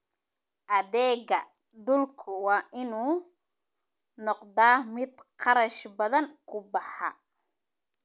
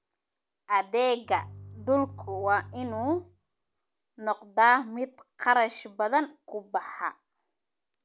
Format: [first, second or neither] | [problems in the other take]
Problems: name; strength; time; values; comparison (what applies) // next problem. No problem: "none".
first | background sound (Bowed string instrument); 15 dB below the speech